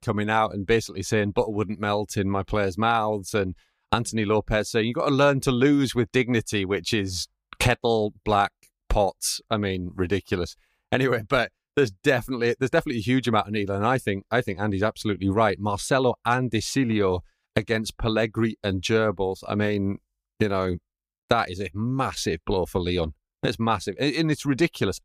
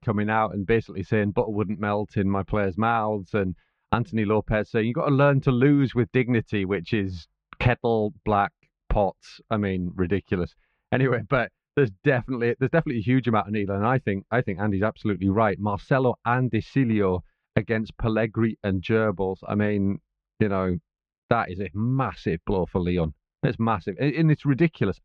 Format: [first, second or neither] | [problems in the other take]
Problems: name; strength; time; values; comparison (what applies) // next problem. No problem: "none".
first | muffled; very; fading above 2.5 kHz